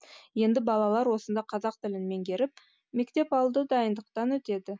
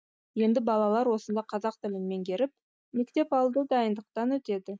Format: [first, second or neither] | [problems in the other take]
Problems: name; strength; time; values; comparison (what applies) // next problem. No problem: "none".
first | noise reduction (neural mask model DeepFilterNet 3)